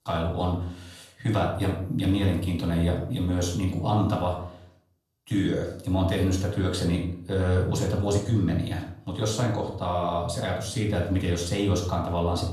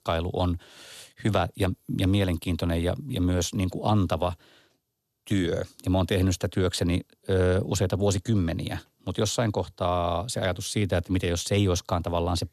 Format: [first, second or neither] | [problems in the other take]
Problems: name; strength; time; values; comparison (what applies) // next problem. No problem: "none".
second | off-mic speech; far // room echo; noticeable; dies away in 0.5 s